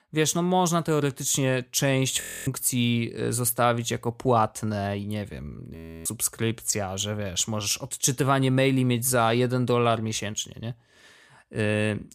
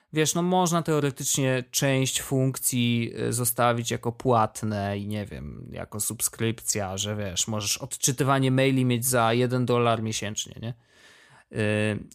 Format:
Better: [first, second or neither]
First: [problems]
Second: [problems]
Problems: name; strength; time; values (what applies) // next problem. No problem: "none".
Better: second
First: audio freezing; at 2 s and at 6 s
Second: none